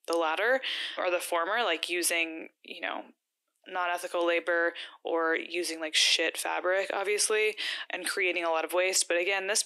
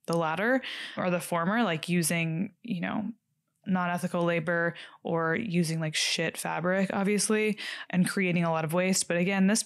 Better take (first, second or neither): second